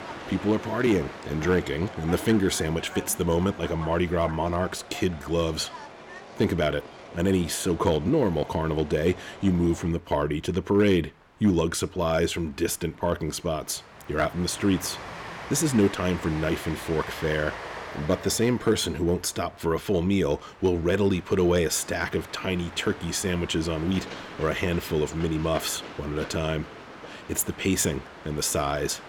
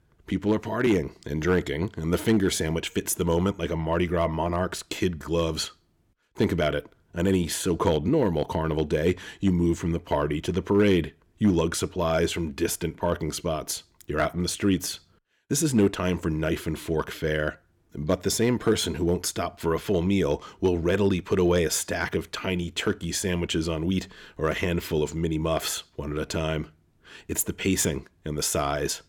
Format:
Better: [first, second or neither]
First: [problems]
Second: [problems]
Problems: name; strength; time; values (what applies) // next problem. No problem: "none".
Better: second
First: train or aircraft noise; noticeable; throughout; 15 dB below the speech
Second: none